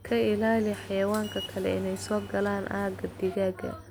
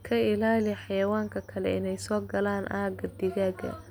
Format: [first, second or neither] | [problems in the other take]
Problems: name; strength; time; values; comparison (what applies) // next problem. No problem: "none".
second | background sound (Subway, metro, underground); 15 dB below the speech